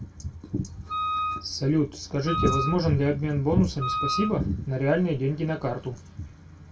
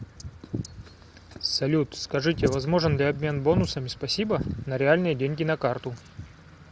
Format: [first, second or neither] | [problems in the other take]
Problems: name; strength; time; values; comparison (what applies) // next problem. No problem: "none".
second | background sound (Wind instrument, woodwind instrument); 4 dB below the speech // room echo; dies away in 0.2 s